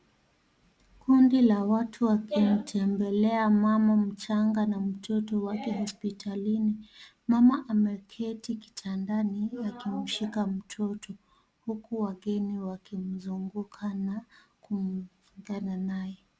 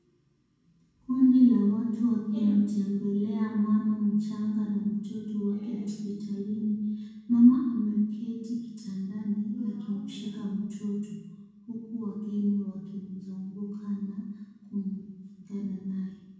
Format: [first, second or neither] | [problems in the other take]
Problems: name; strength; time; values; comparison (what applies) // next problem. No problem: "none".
first | room echo; dies away in 1.1 s